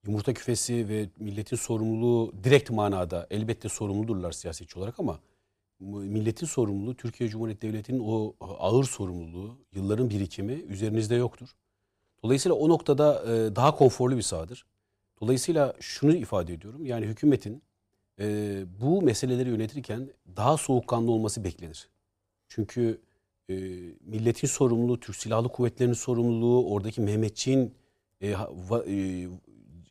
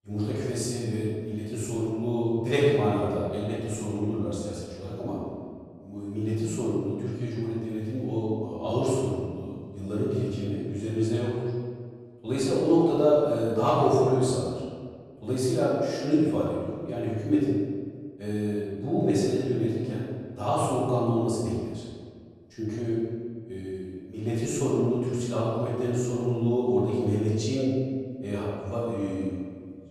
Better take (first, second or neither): first